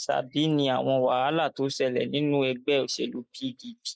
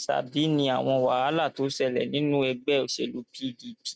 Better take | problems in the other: second | noise reduction (neural mask model Resemble Enhance denoiser)

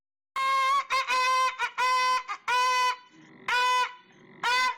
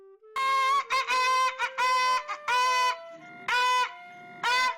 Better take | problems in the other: first | background sound (Wind instrument, woodwind instrument); 20 dB below the speech

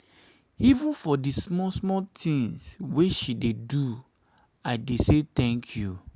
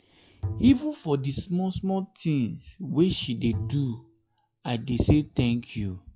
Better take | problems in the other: first | noise reduction (classical method WPE with log-MMSE)

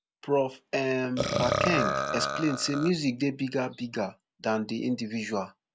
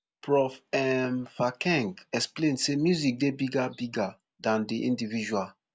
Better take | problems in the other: second | background sound (Burping, eructation); 2 dB below the speech

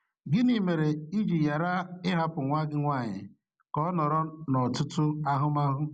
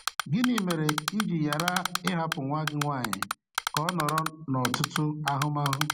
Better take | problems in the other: first | background sound (Typing); 4 dB below the speech

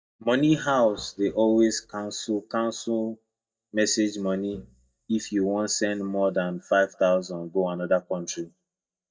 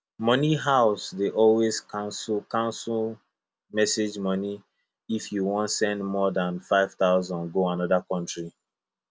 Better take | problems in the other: second | noise reduction (neural mask model DeepFilterNet 3)

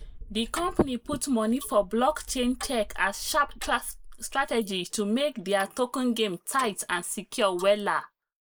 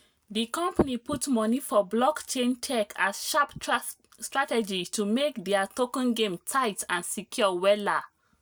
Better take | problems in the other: second | noise reduction (neural mask model Resemble Enhance denoiser)

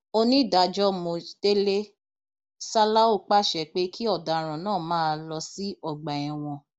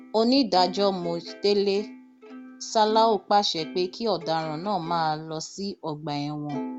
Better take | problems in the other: first | background sound (Plucked string instrument); 16 dB below the speech

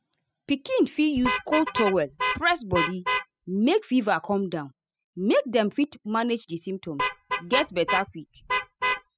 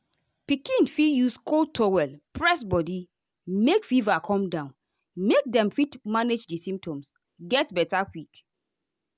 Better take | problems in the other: second | noise reduction (classical method spectral subtraction)

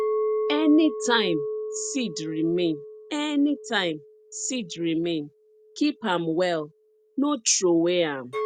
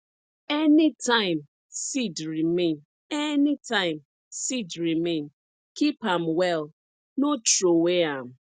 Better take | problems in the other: second | background sound (Chink, clink); 8 dB below the speech

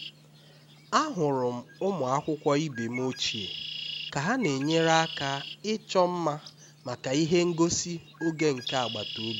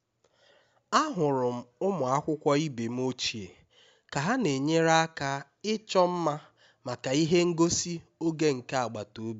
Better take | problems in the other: second | background sound (Bird); 12 dB below the speech

